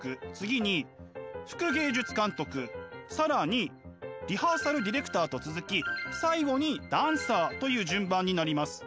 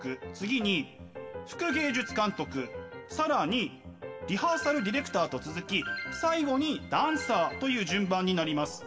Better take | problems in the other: first | room echo; dies away in 0.9 s

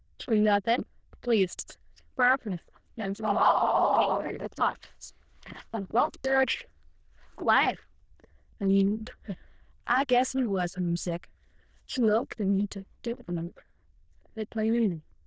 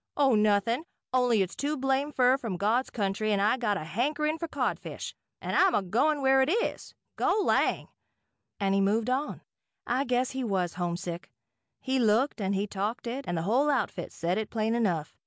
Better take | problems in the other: second | noise reduction (neural diffusion model UNIVERSE++)

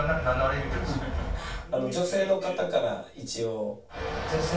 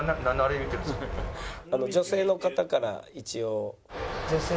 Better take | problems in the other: second | room echo; dies away in 0.2 s

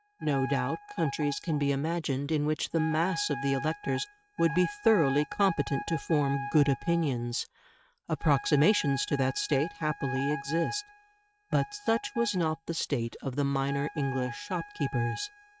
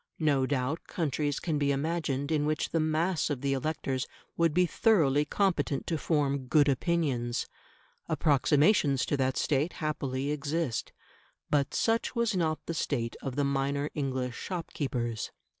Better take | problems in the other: second | noise reduction (neural mask model RNNoise)

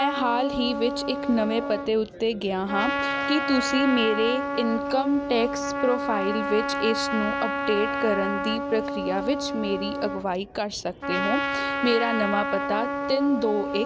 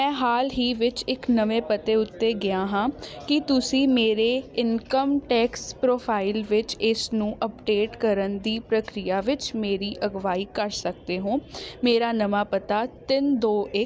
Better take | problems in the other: second | background sound (Trumpet); 3 dB below the speech

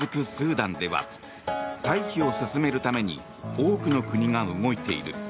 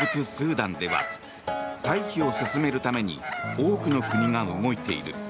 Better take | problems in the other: first | background sound (Bird vocalization, bird call, bird song); 9 dB below the speech

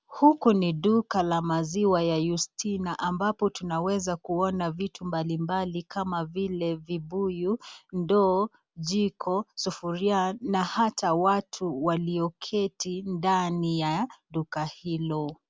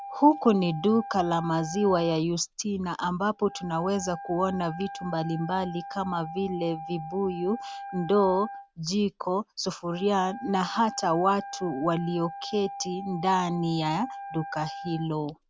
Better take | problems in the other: first | background sound (Wind instrument, woodwind instrument); 13 dB below the speech

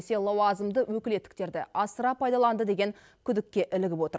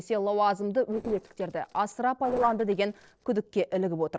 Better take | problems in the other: first | noise reduction (neural separator model SepFormer DNS4)

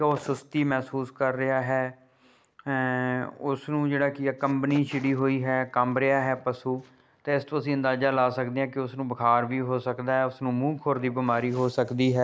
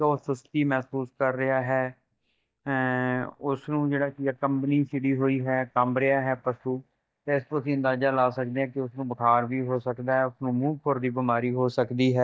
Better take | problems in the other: first | noise reduction (neural mask model DeepFilterNet 3)

